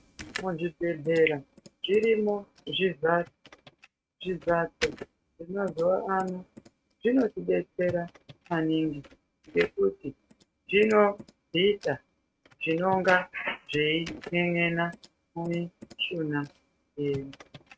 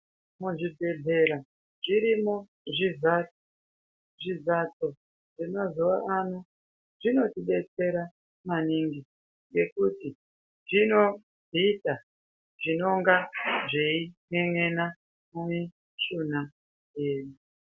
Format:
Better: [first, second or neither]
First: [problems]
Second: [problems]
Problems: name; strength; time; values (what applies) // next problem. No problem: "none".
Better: second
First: noise reduction (neural mask model RNNoise)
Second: none